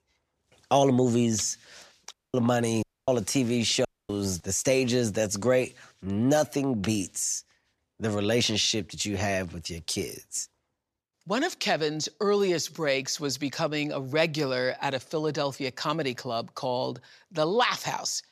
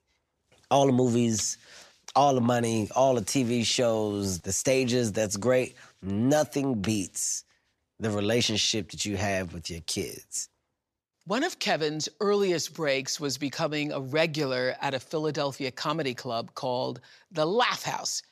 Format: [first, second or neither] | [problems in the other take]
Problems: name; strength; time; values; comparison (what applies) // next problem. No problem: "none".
second | audio cutting out; at 2 s, at 3 s and at 4 s